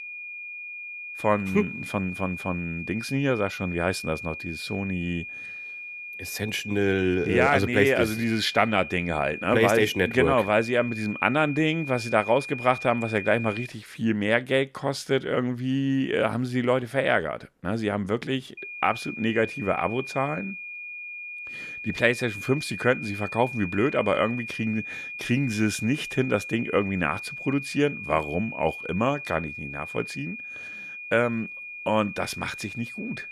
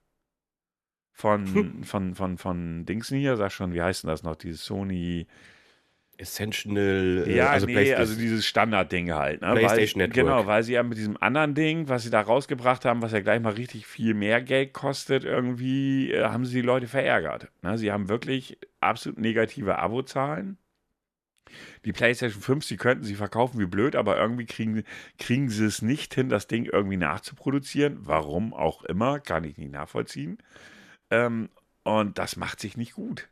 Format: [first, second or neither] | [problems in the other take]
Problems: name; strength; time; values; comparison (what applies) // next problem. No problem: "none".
second | high-pitched whine; loud; until 14 s and from 19 s on; 2.5 kHz, 9 dB below the speech